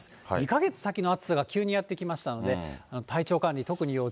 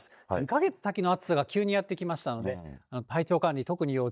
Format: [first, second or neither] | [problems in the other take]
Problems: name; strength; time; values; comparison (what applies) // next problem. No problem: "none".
first | noise reduction (neural mask model DeepFilterNet 3)